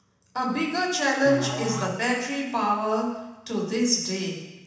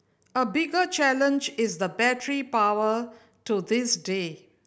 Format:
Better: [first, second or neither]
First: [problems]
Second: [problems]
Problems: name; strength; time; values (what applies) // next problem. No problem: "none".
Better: second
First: background sound (Musical instrument); 11 dB below the speech // room echo; dies away in 1.1 s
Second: none